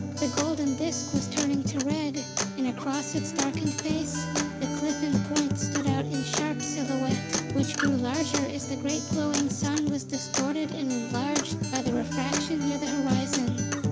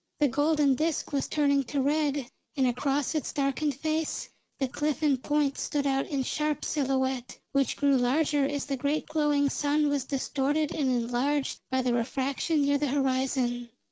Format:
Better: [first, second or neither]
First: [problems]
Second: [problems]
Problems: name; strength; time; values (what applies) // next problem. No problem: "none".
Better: second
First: background sound (Acoustic guitar); as loud as the speech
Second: none